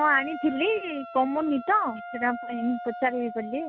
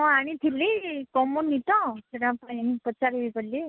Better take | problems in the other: second | background sound (Wind instrument, woodwind instrument); 12 dB below the speech

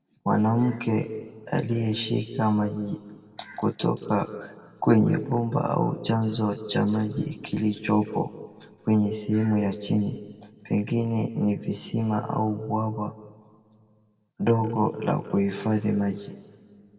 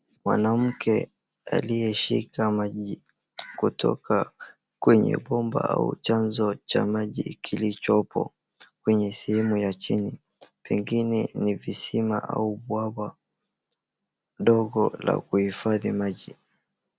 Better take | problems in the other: second | room echo; dies away in 1.7 s

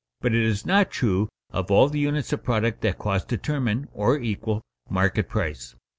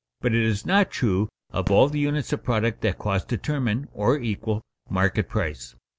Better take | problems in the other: first | background sound (Fireworks); 18 dB below the speech

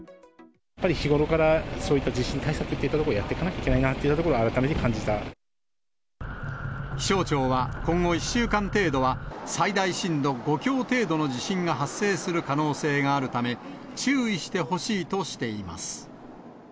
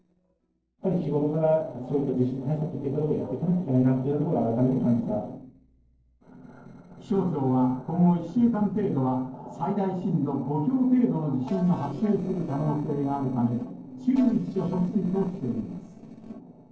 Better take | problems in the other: first | noise reduction (neural separator model SepFormer DNS4)

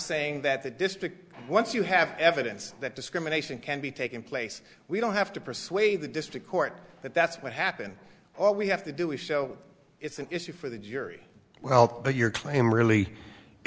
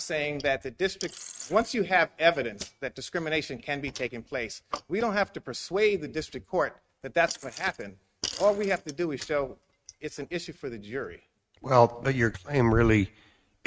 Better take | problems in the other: first | noise reduction (neural mask model RNNoise)

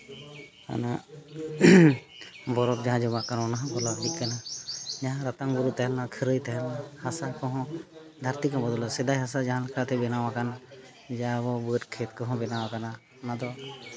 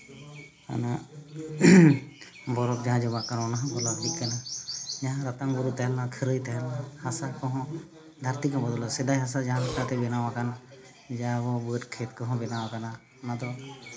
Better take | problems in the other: first | background sound (Burping, eructation); 8 dB below the speech // room echo; dies away in 0.4 s

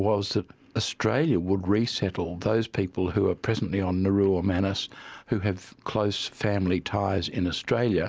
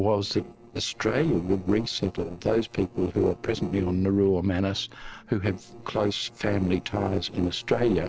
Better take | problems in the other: first | noise reduction (neural separator model SepFormer DNS4)

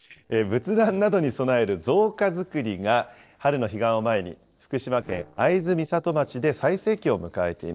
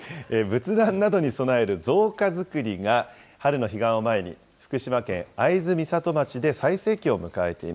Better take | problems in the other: second | noise reduction (neural separator model SepFormer DNS4)

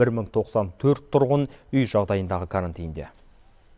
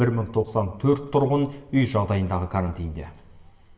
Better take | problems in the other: first | room echo; dies away in 0.9 s

